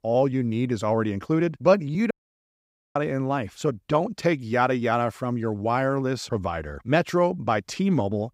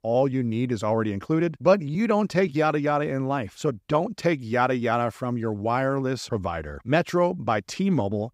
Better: second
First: audio cutting out; at 2 s for 1 s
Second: none

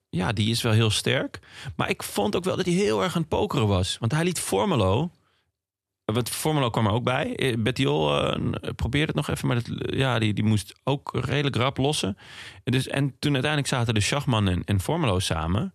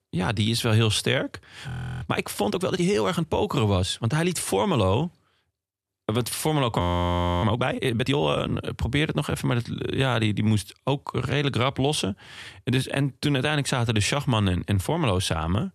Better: first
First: none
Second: audio freezing; at 1.5 s and at 7 s for 0.5 s

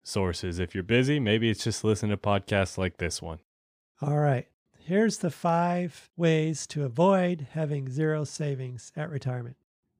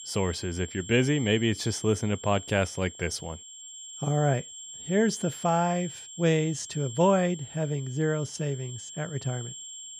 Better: first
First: none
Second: high-pitched whine; noticeable; throughout; 7.5 kHz, 10 dB below the speech

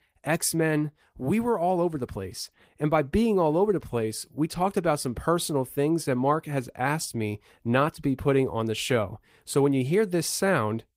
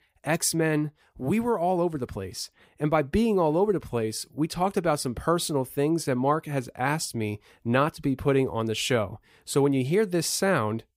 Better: second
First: garbled, watery; slightly; nothing above 15.5 kHz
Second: none

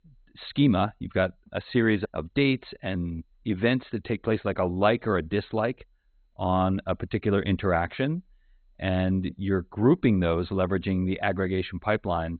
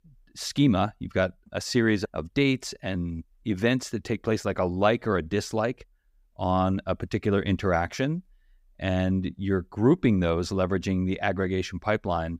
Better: second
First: garbled, watery; badly; nothing above 4 kHz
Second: none

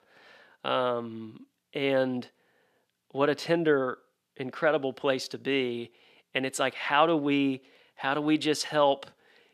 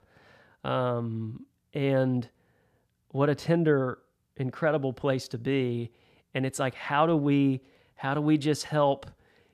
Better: second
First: thin; very slightly; fading below 300 Hz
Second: none

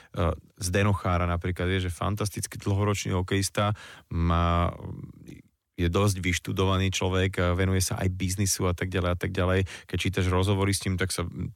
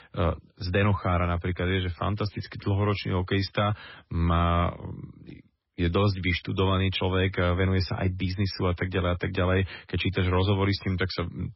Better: first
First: none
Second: garbled, watery; badly; nothing above 5.5 kHz

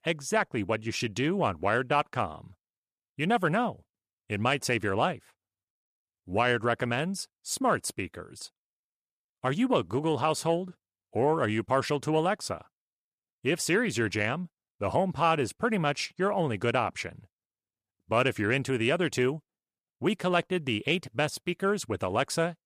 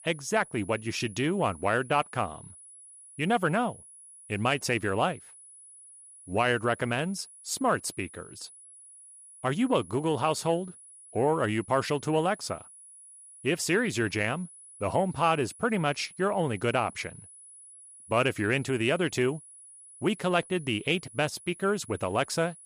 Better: first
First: none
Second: high-pitched whine; noticeable; throughout; 10 kHz, 20 dB below the speech

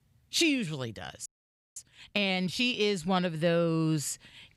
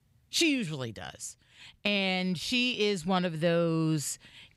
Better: second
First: audio freezing; at 1.5 s for 0.5 s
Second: none

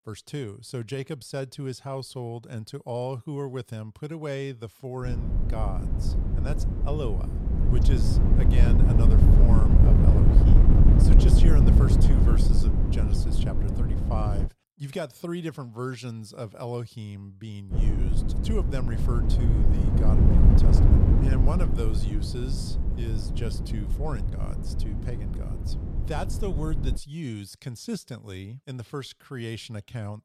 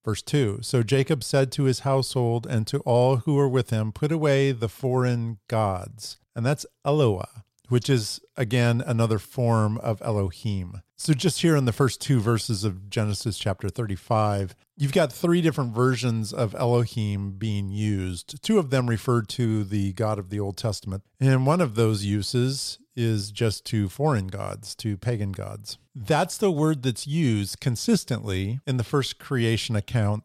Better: second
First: wind noise on the microphone; heavy; from 5 to 14 s and from 18 to 27 s; 2 dB above the speech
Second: none

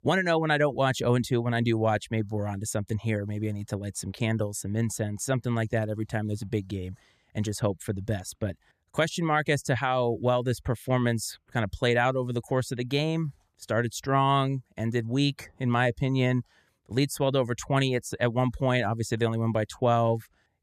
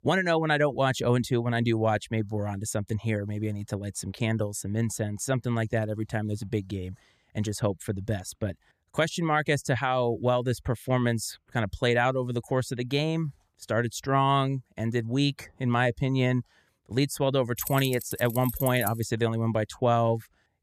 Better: first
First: none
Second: jangling keys; noticeable; from 18 to 19 s; peak 6 dB below the speech

